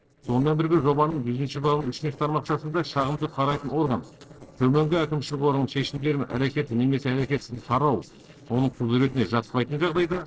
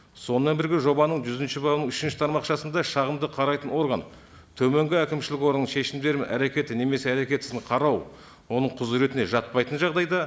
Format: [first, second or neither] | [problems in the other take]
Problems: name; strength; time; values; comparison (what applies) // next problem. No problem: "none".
second | noise reduction (neural separator model SepFormer DNS4)